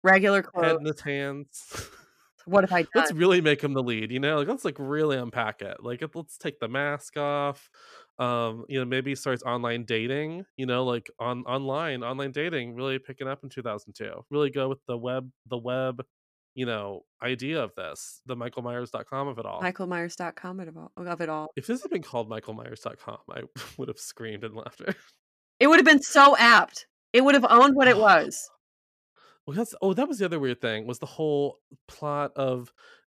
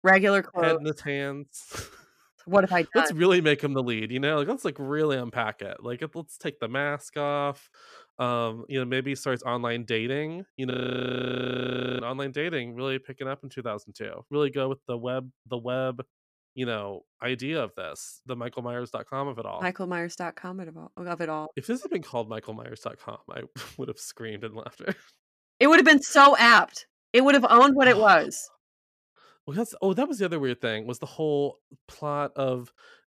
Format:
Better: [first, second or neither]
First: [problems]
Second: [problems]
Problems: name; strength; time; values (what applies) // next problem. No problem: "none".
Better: first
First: none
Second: audio freezing; at 11 s for 1.5 s